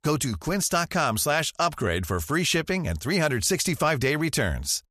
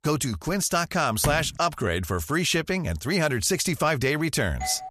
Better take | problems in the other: first | door banging; noticeable; at 1 s; peak 6 dB below the speech // doorbell; very faint; at 4.5 s; peak 10 dB below the speech

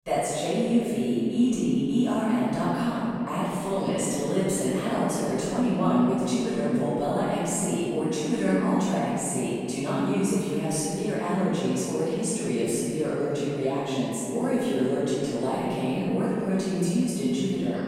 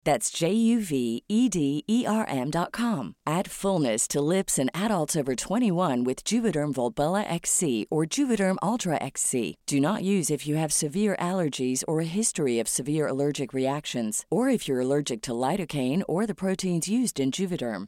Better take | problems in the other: second | off-mic speech; far // room echo; strong; dies away in 2.5 s

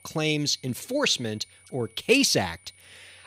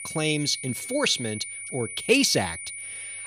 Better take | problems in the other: first | high-pitched whine; loud; throughout; 2 kHz, 9 dB below the speech; faint in the first

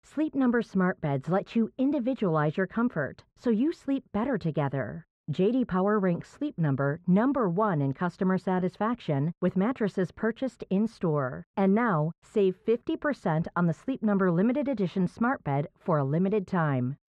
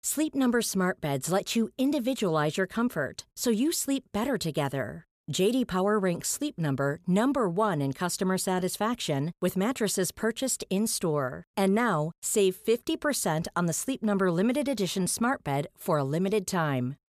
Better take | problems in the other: second | muffled; very; fading above 1.5 kHz

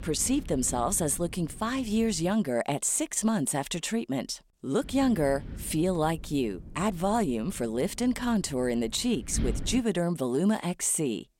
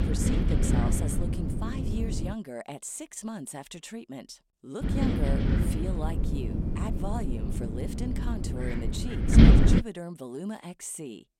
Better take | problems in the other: first | wind noise on the microphone; heavy; until 2.5 s and from 5 to 10 s; 5 dB above the speech; occasional gusts in the first

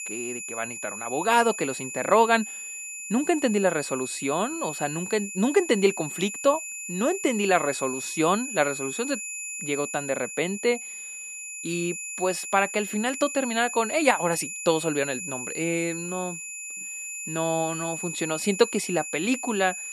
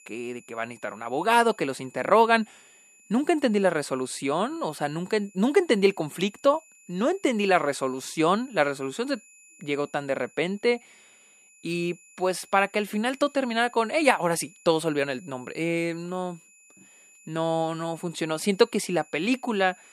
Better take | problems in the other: second | high-pitched whine; loud; throughout; 2.5 kHz, 7 dB below the speech; faint in the second

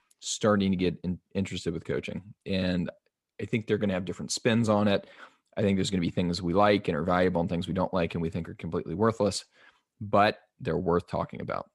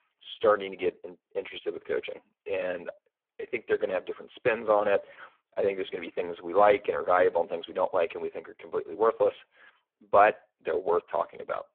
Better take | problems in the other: first | phone-call audio; poor line

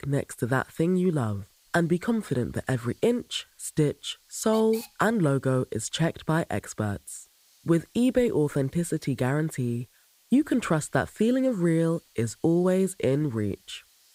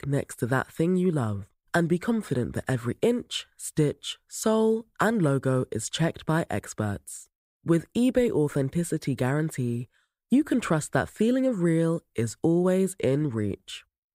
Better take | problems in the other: second | hiss; faint; throughout; 30 dB below the speech

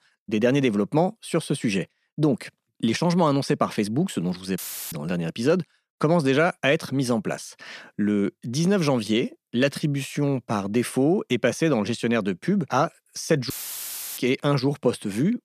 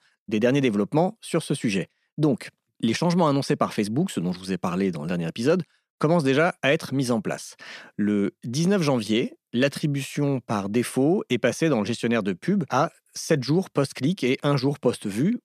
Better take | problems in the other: second | audio cutting out; filled with static; at 4.5 s and at 14 s for 0.5 s

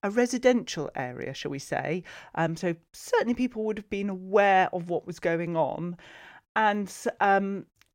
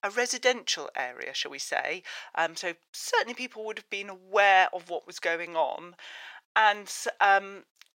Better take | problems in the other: first | thin; very; fading below 750 Hz

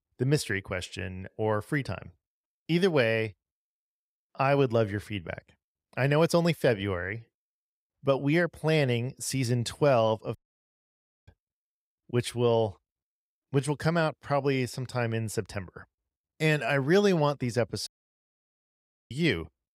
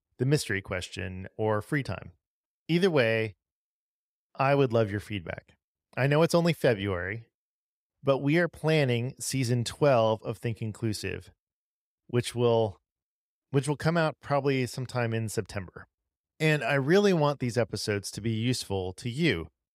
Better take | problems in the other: second | audio cutting out; at 10 s for 1 s and at 18 s for 1 s

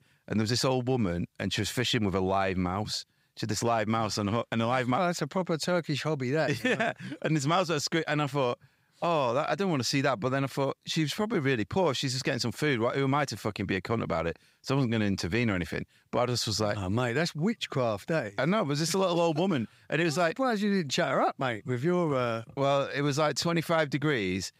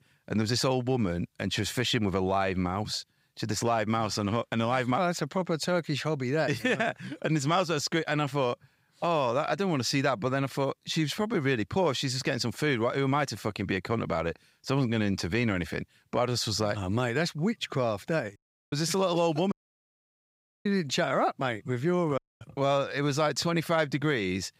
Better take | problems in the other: first | audio cutting out; at 18 s, at 20 s for 1 s and at 22 s

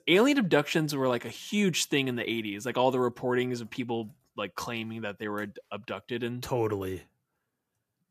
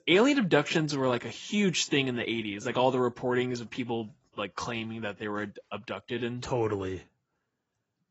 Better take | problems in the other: first | garbled, watery; badly; nothing above 7.5 kHz

